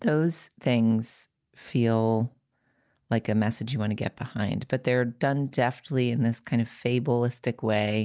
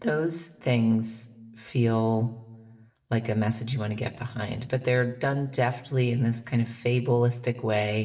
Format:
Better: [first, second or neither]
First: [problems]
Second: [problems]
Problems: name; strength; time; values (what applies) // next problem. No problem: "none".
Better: first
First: none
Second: room echo; dies away in 1.4 s